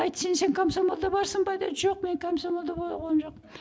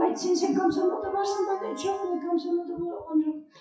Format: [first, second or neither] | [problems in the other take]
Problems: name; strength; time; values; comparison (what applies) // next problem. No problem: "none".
first | noise reduction (classical method WPE with log-MMSE)